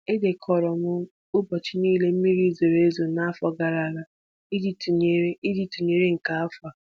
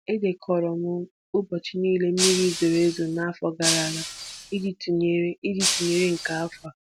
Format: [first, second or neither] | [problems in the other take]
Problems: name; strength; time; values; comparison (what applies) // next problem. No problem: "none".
first | background sound (Shatter); 3 dB below the speech